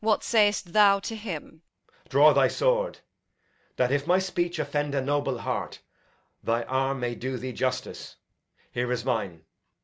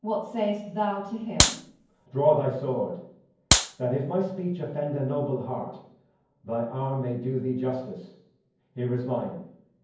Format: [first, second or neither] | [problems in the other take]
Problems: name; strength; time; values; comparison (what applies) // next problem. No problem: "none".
first | background sound (Clapping); 5 dB above the speech // room echo; dies away in 0.9 s